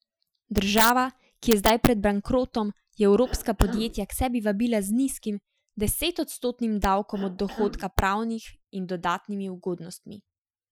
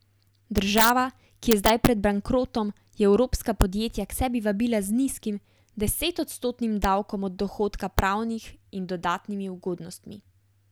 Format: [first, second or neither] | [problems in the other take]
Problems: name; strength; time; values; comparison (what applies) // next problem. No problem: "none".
second | noise reduction (classical method Wiener filter)